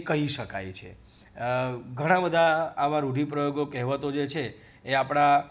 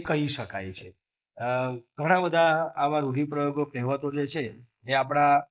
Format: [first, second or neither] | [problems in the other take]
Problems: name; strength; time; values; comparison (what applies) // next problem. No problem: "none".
first | noise reduction (neural mask model Resemble Enhance denoiser)